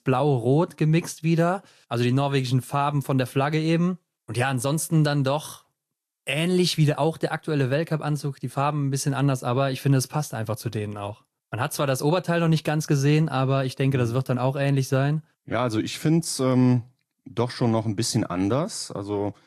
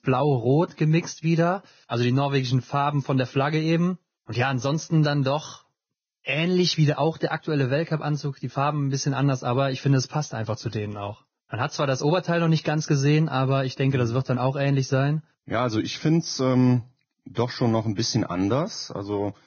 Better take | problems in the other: first | garbled, watery; badly; nothing above 6.5 kHz; slightly in the first

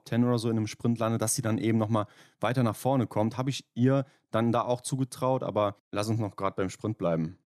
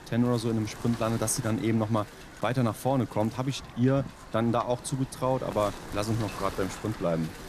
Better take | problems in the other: first | wind noise on the microphone; occasional gusts; 10 dB below the speech

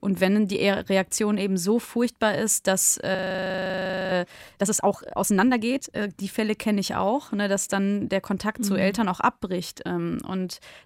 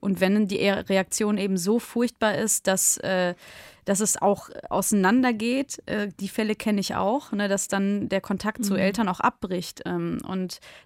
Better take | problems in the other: second | audio freezing; at 3 s for 1 s

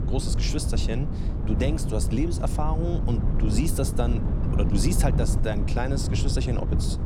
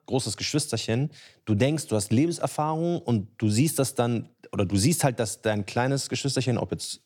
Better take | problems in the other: second | wind noise on the microphone; heavy; 5 dB below the speech

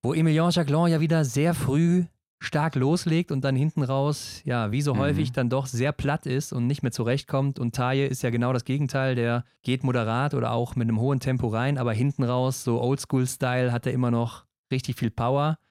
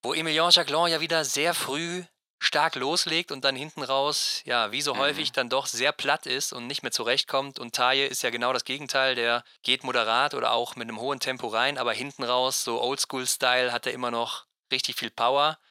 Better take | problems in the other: first | thin; very; fading below 650 Hz

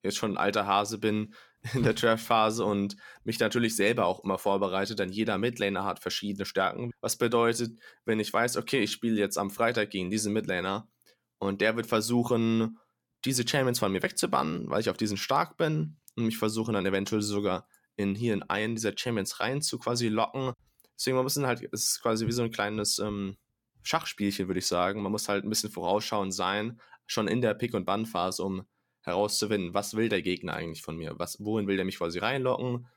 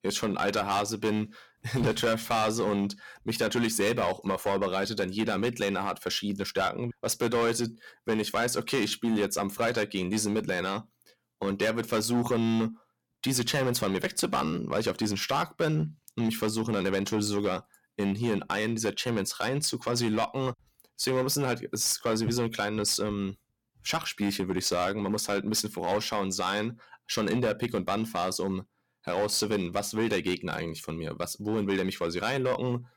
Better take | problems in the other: first | distortion; slight; 7% of the sound clipped

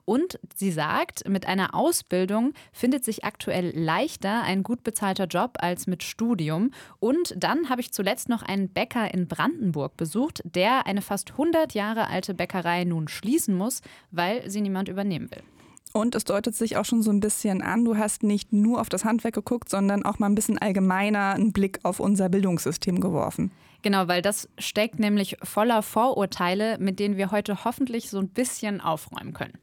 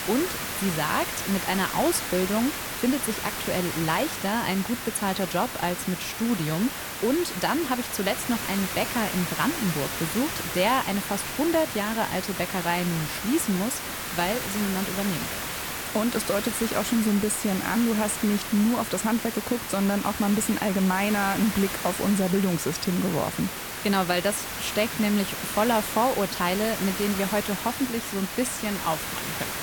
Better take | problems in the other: first | hiss; loud; throughout; 4 dB below the speech

